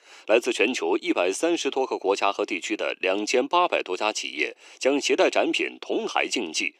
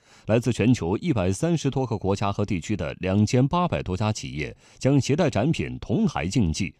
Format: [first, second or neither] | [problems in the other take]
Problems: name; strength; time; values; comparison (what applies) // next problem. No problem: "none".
second | thin; very; fading below 350 Hz